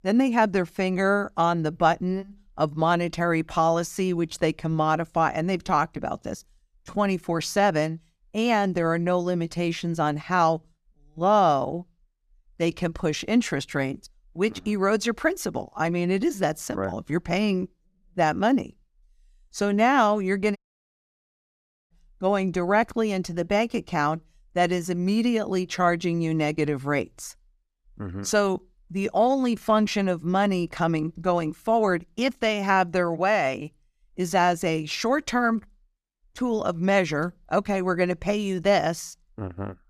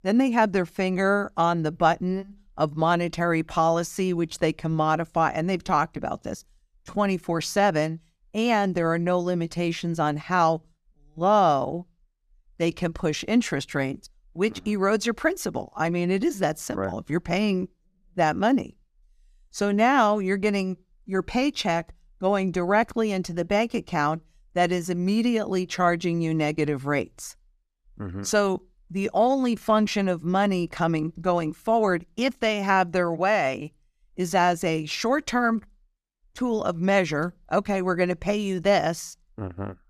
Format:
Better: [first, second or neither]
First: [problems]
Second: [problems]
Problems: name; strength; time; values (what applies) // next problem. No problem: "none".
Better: second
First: audio cutting out; at 21 s for 1.5 s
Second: none